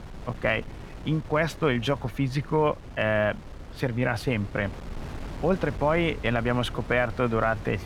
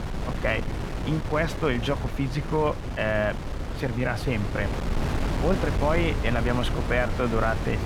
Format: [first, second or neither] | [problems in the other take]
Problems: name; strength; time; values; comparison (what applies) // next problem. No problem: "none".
first | wind noise on the microphone; heavy; 7 dB below the speech; occasional gusts in the first